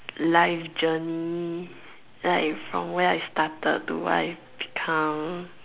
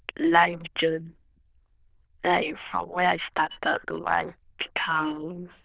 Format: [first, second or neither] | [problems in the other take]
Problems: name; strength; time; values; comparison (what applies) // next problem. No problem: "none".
first | noise reduction (neural diffusion model UNIVERSE++)